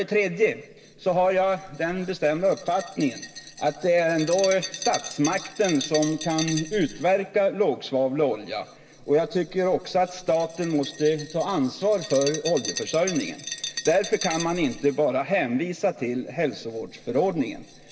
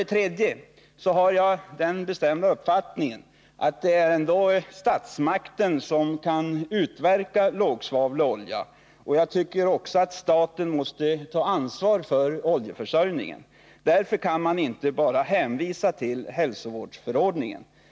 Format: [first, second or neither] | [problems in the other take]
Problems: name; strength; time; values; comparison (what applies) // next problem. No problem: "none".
second | background sound (Glass); 14 dB below the speech // room echo; dies away in 2.8 s